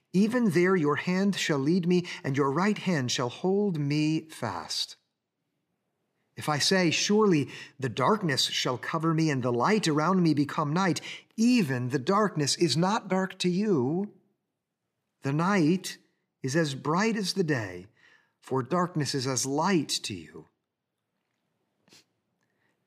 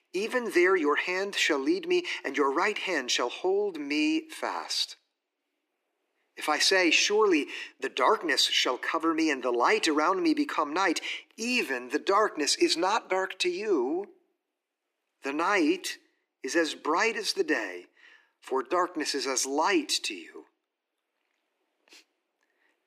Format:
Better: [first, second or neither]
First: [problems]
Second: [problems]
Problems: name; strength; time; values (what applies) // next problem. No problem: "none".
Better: first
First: none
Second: thin; somewhat; fading below 300 Hz